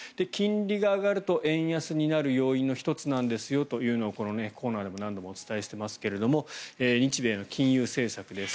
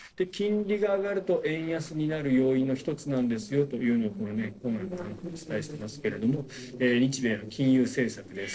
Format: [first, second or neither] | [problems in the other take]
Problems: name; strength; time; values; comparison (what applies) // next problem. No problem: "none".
first | noise reduction (neural separator model SepFormer DNS4)